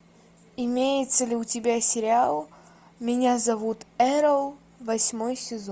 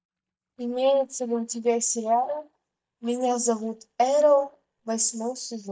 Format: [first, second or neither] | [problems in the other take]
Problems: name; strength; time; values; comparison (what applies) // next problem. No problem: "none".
first | noise reduction (neural mask model DeepFilterNet 3)